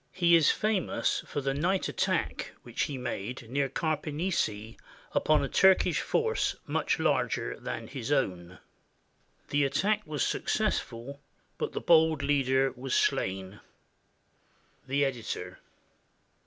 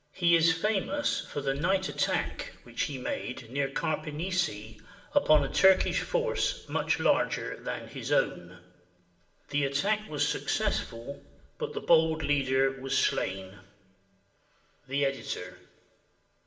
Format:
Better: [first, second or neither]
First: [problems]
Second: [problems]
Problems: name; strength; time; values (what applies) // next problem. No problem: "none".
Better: first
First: none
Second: room echo; dies away in 0.8 s